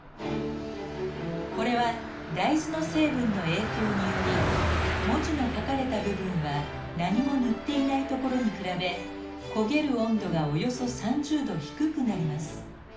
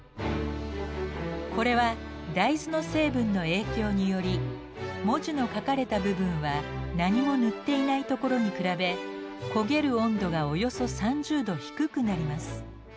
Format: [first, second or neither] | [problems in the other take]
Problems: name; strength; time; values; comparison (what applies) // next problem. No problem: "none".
second | background sound (Car passing by); 7 dB below the speech // room echo; dies away in 0.4 s